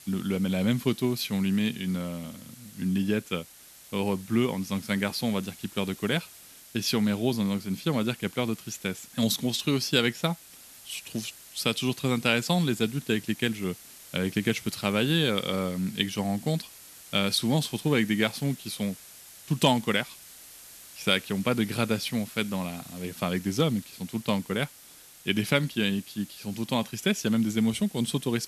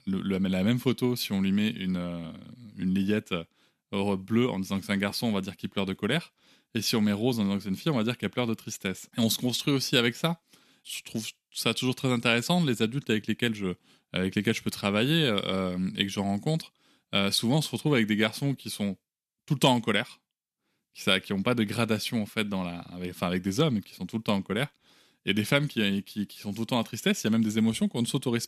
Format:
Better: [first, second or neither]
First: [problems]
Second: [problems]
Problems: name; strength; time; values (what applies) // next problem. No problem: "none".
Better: second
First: hiss; noticeable; throughout; 20 dB below the speech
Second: none